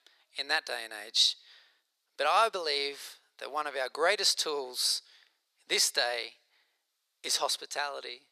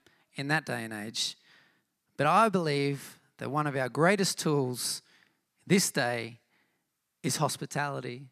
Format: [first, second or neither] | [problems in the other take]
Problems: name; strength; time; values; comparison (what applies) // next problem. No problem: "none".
second | thin; very; fading below 500 Hz